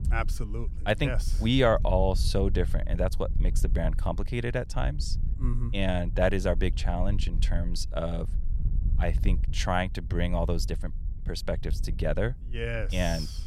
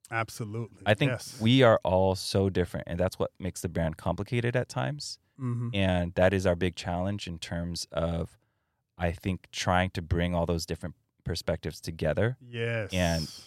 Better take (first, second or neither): second